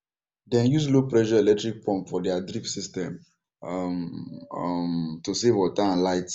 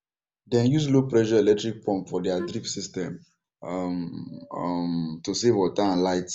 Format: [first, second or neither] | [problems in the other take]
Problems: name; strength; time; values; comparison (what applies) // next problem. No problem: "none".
first | background sound (Wind instrument, woodwind instrument); 14 dB below the speech